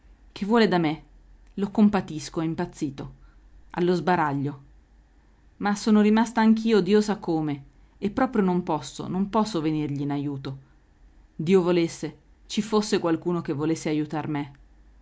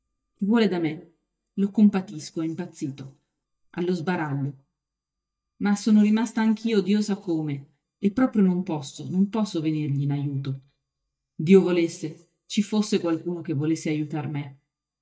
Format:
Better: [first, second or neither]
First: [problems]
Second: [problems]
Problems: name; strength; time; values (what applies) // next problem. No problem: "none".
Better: first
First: none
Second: noise reduction (neural mask model DeepFilterNet 3)